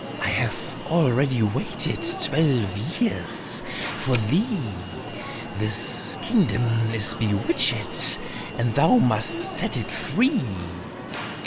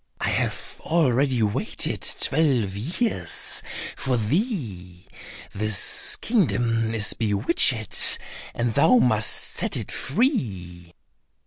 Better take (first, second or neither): second